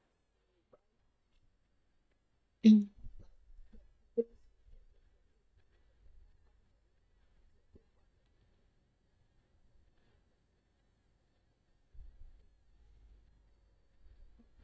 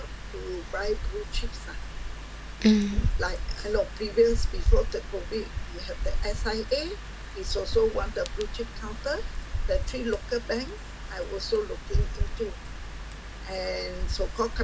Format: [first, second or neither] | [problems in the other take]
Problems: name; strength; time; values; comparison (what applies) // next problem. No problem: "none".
second | noise reduction (neural mask model DeepFilterNet 3)